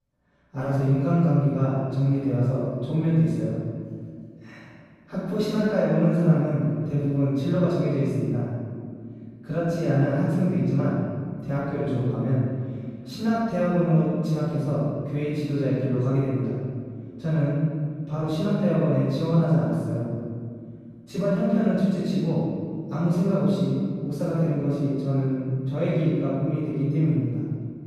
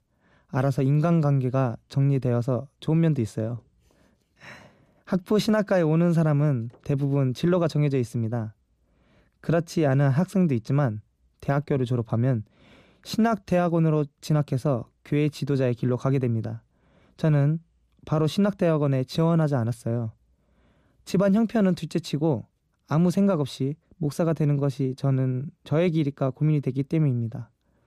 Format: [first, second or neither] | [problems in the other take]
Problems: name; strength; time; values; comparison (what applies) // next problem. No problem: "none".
second | off-mic speech; far // room echo; strong; dies away in 2 s